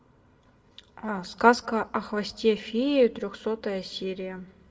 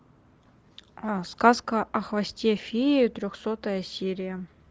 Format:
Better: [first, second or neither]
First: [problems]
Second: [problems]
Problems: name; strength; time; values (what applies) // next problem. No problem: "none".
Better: second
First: room echo; dies away in 0.4 s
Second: none